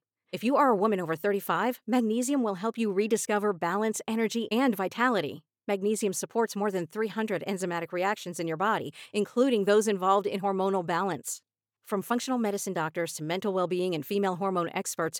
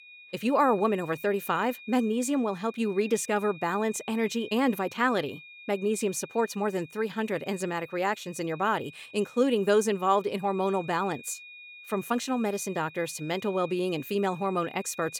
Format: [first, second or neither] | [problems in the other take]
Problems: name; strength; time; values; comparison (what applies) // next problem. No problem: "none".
first | high-pitched whine; noticeable; throughout; 2.5 kHz, 20 dB below the speech